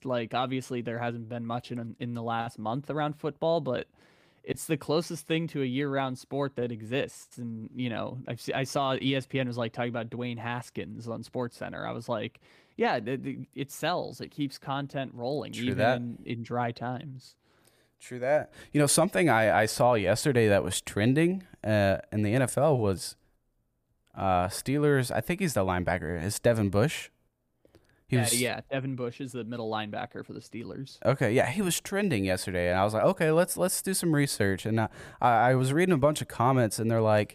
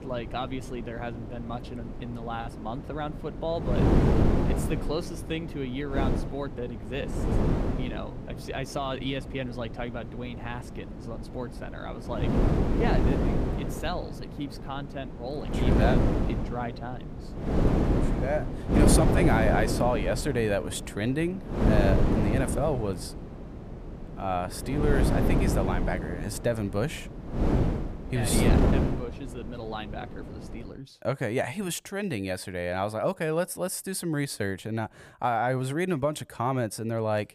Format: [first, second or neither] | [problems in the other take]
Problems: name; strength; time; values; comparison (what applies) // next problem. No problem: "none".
first | wind noise on the microphone; heavy; until 31 s; as loud as the speech